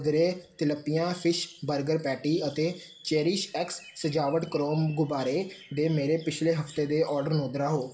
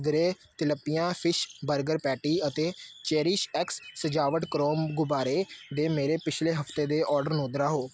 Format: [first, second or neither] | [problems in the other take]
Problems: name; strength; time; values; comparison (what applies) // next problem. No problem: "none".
second | room echo; dies away in 0.5 s